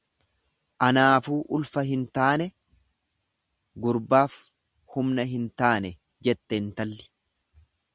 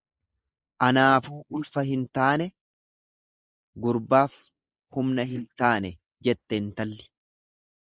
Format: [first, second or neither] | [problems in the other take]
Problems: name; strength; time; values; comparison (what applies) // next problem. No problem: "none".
first | noise reduction (neural mask model Resemble Enhance denoiser)